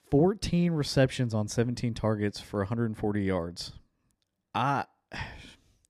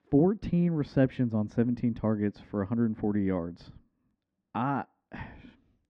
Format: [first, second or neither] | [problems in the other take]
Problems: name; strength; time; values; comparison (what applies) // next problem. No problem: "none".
first | muffled; very; fading above 2 kHz